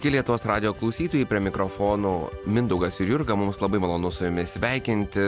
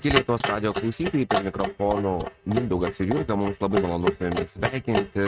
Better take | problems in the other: first | noise reduction (neural mask model RNNoise)

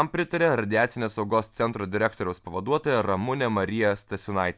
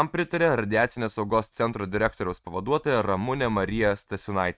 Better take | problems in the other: first | noise reduction (neural mask model RNNoise)

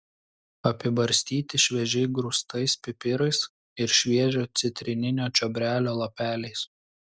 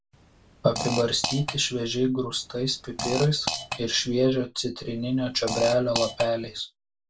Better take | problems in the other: first | background sound (Fart); 8 dB below the speech // room echo; dies away in 0.1 s

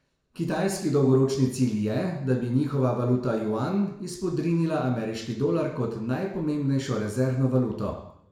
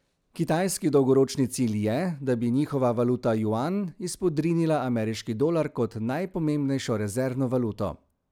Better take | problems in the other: second | room echo; dies away in 0.7 s

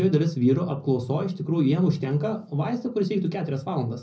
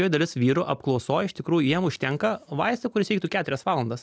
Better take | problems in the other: second | room echo; dies away in 0.4 s

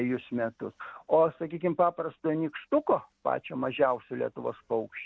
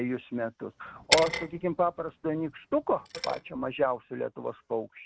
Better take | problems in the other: first | noise reduction (neural mask model RNNoise)

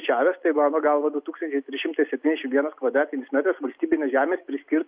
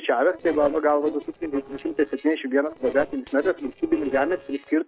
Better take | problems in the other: first | noise reduction (neural separator model SepFormer DNS4)

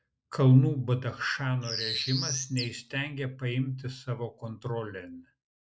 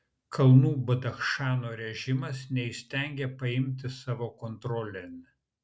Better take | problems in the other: second | noise reduction (neural mask model Resemble Enhance denoiser)

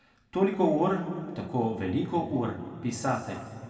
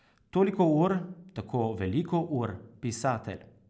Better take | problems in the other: second | room echo; dies away in 1.9 s

